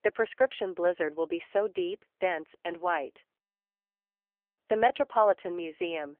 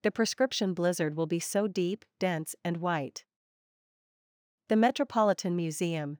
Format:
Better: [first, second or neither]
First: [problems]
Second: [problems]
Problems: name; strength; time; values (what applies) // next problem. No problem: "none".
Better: second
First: phone-call audio; poor line; nothing above 3.5 kHz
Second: none